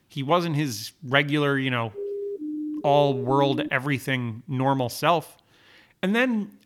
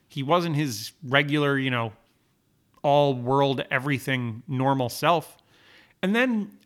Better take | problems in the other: second | siren; noticeable; from 2 to 3.5 s; peak 7 dB below the speech

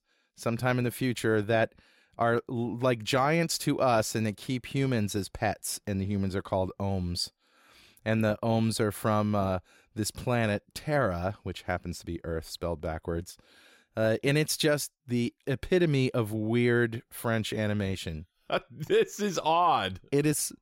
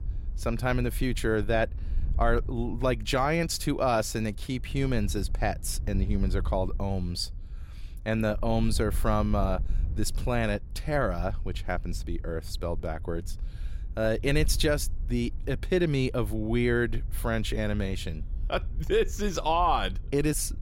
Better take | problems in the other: first | wind noise on the microphone; occasional gusts; 25 dB below the speech

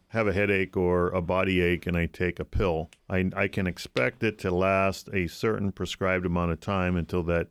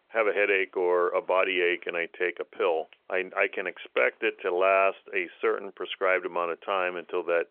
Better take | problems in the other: first | phone-call audio

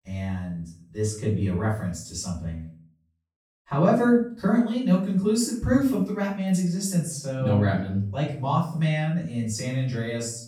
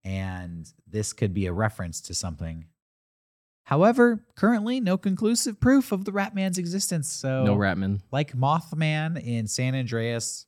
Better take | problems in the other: second | room echo; noticeable; dies away in 0.4 s // off-mic speech; far

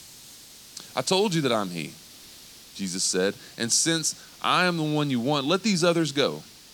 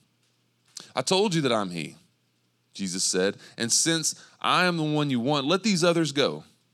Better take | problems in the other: second | hiss; faint; throughout; 20 dB below the speech

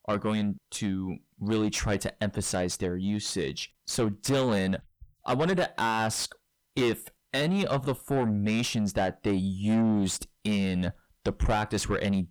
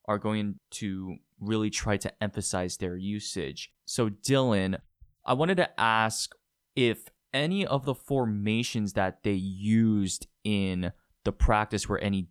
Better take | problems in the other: second | distortion; heavy; 6 dB below the speech

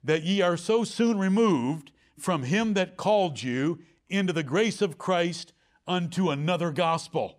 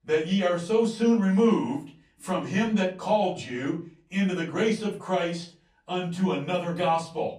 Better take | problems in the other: first | off-mic speech; far // room echo; slight; dies away in 0.3 s

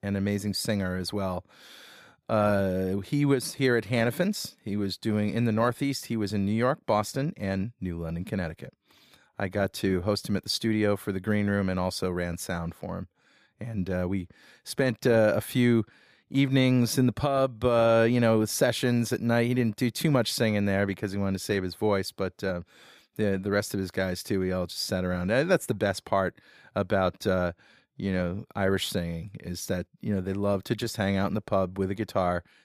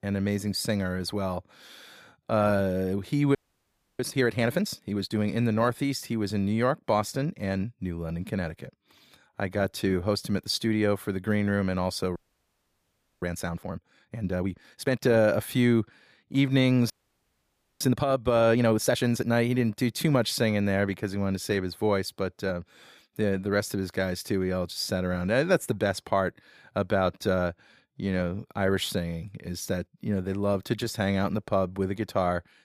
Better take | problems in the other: first | audio freezing; at 3.5 s for 0.5 s, at 12 s for 1 s and at 17 s for 1 s

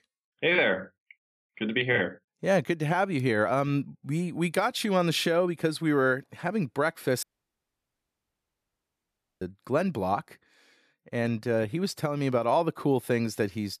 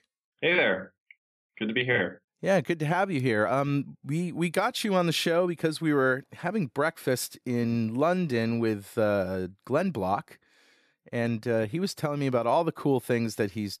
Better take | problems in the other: second | audio cutting out; at 7 s for 2 s

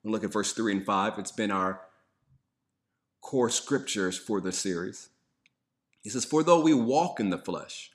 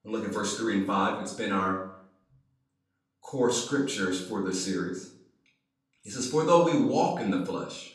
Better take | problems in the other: first | off-mic speech; far // room echo; slight; dies away in 0.5 s

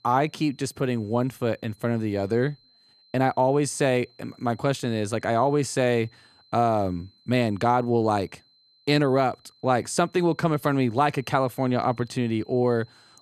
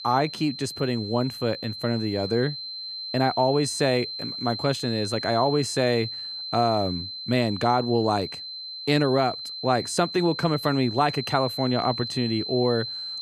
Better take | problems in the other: first | high-pitched whine; loud; throughout; 4 kHz, 7 dB below the speech; faint in the first

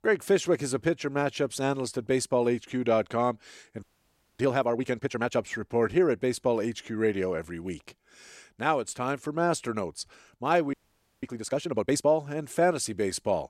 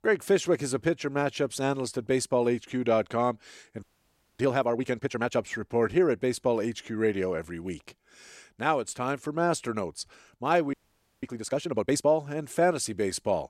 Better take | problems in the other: neither | audio freezing; at 4 s for 0.5 s and at 11 s for 0.5 s; the same in both

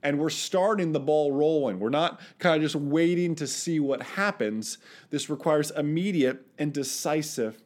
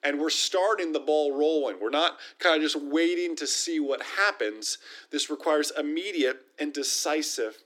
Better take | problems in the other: first | thin; very slightly; fading below 300 Hz

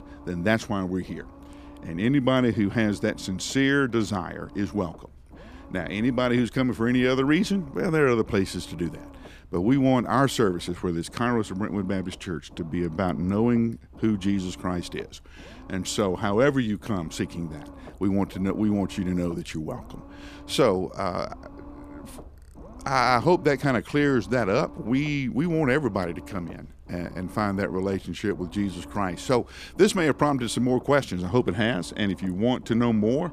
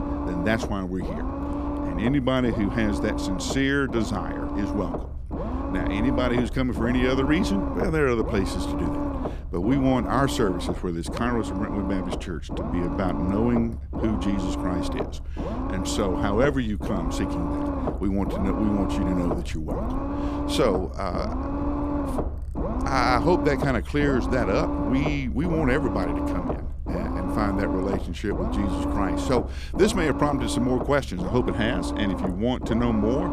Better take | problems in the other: first | low rumble; loud; throughout; 4 dB below the speech; faint in the first

